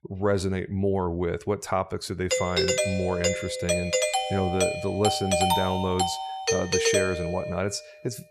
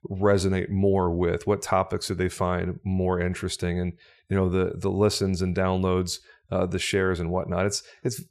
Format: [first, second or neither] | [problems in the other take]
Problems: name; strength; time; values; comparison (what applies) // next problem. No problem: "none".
second | doorbell; loud; from 2.5 to 7.5 s; peak 6 dB above the speech